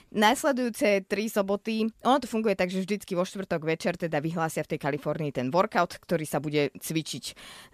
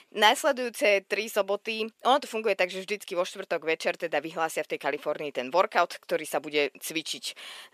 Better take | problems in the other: first | thin; somewhat; fading below 450 Hz

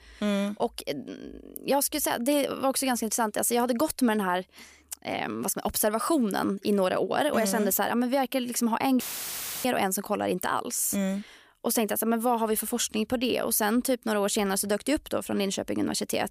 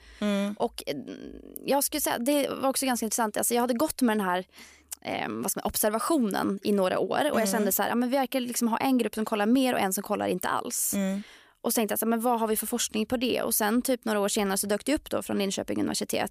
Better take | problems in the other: second | audio cutting out; filled with static; at 9 s for 0.5 s

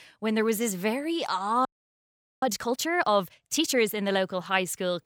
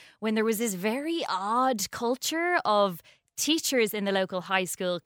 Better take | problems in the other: second | audio freezing; at 1.5 s for 1 s

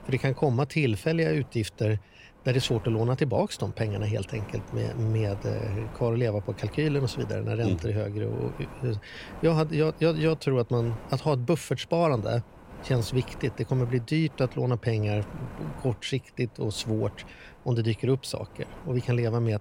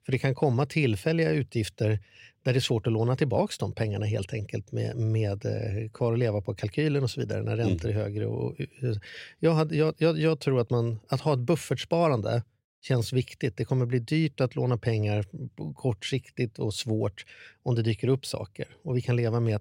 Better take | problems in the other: second | wind noise on the microphone; occasional gusts; 15 dB below the speech

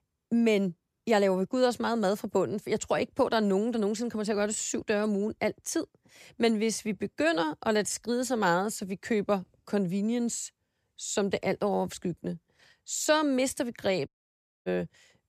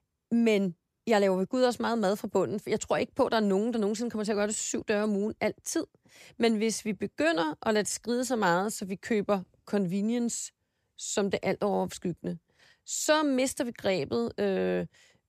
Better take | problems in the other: second | audio cutting out; at 14 s for 0.5 s

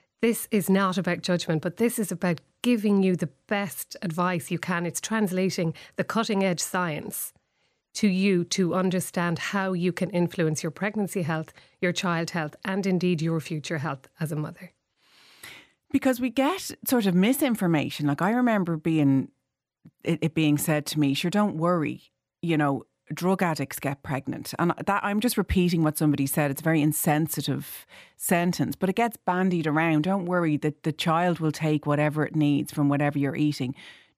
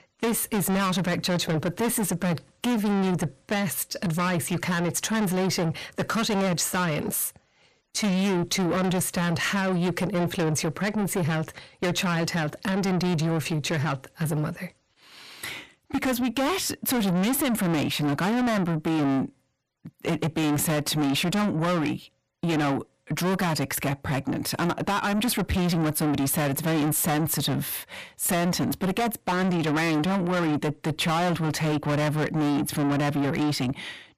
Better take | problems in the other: first | distortion; heavy; 6 dB below the speech

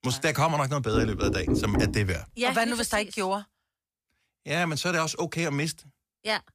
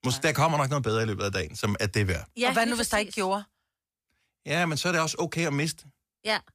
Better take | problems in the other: second | door banging; loud; from 1 to 2 s; peak 1 dB above the speech

